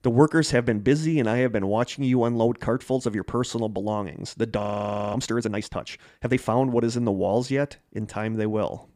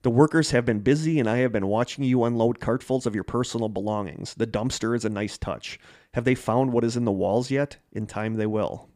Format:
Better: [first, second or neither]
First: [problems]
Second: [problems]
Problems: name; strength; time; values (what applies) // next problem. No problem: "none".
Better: second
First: audio freezing; at 4.5 s for 0.5 s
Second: none